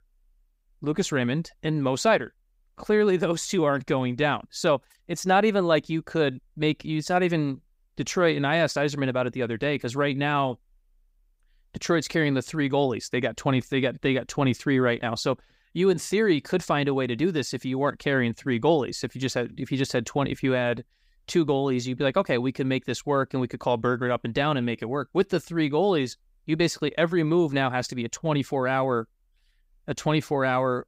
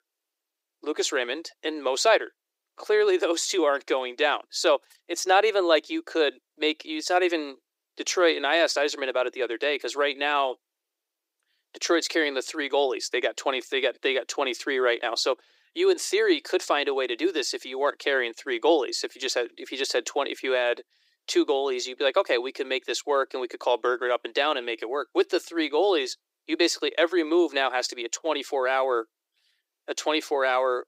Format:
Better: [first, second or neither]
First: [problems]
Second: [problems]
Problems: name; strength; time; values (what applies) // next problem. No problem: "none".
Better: first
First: none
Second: thin; very; fading below 350 Hz